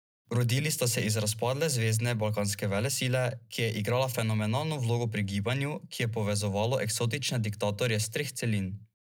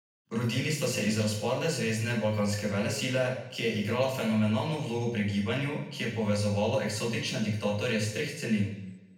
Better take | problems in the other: first | room echo; dies away in 0.9 s

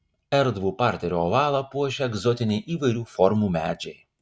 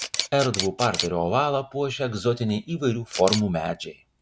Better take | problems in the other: first | background sound (Camera); 9 dB below the speech

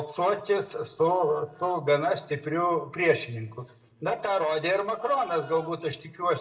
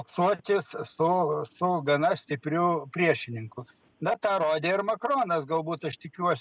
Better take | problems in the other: second | noise reduction (neural separator model SepFormer DNS4)

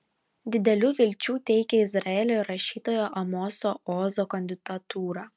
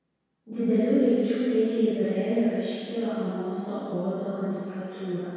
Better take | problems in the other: first | room echo; dies away in 2 s

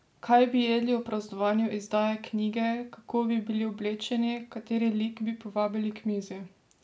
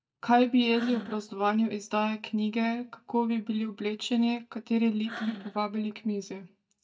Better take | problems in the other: first | noise reduction (neural mask model DeepFilterNet 3)

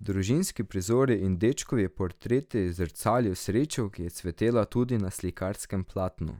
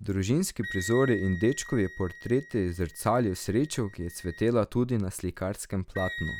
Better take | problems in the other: first | background sound (Wind instrument, woodwind instrument); 15 dB below the speech

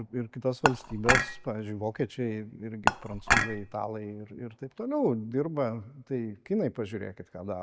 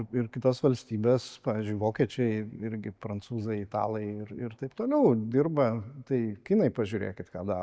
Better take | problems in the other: second | background sound (Dishes, pots, and pans / Chink, clink); 4 dB above the speech

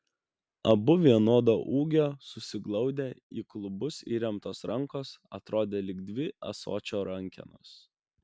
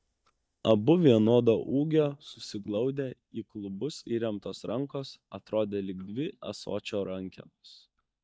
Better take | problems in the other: first | noise reduction (neural mask model DeepFilterNet 3)

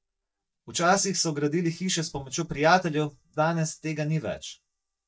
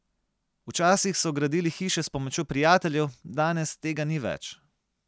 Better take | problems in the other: second | noise reduction (neural mask model DeepFilterNet 3)

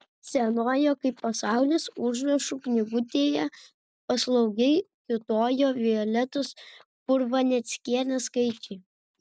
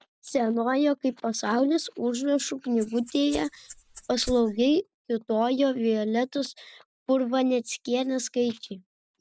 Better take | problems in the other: first | background sound (Rattle (instrument)); 18 dB below the speech

